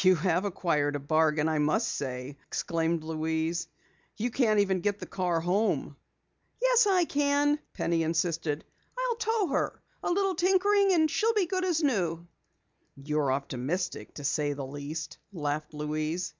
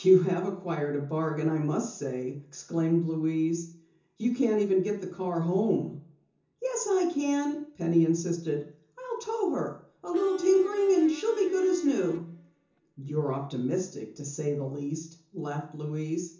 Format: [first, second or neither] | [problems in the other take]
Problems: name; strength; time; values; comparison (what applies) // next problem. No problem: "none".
first | background sound (Electric guitar); 20 dB below the speech // room echo; dies away in 0.6 s